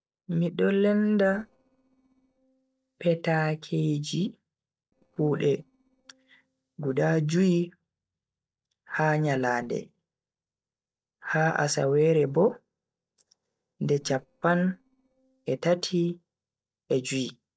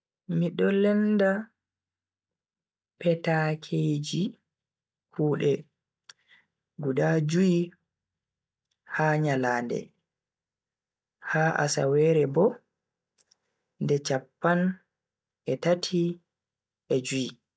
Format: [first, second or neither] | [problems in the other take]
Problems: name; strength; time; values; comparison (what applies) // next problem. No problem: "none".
second | noise reduction (neural separator model SepFormer DNS4)